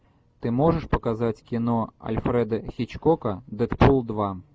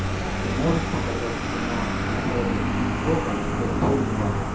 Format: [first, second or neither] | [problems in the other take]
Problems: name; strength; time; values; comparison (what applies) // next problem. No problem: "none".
first | background sound (Vehicle); 3 dB above the speech // room echo; dies away in 0.6 s